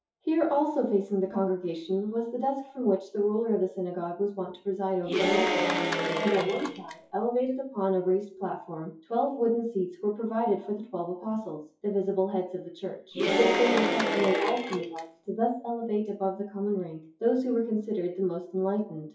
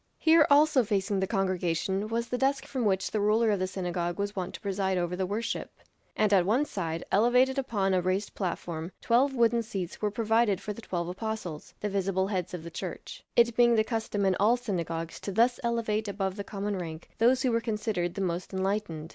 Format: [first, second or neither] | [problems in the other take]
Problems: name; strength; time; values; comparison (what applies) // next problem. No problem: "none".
second | noise reduction (classical method WPE with log-MMSE)